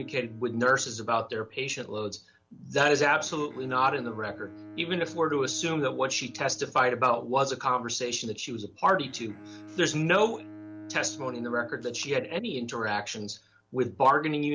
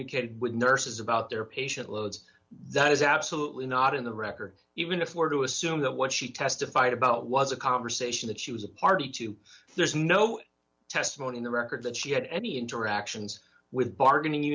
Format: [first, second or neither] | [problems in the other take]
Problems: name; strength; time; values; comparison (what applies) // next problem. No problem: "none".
second | background sound (Bowed string instrument); 19 dB below the speech